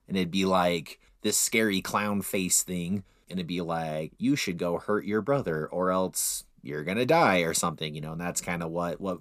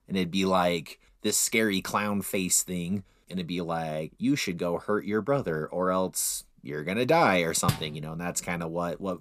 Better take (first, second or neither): first